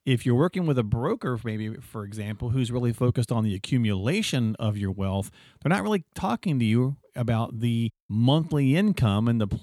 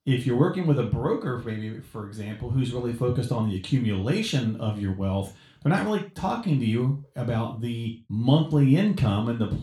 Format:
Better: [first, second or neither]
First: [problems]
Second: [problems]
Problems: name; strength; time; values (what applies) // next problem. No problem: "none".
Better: first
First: none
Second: room echo; slight; dies away in 0.3 s // off-mic speech; far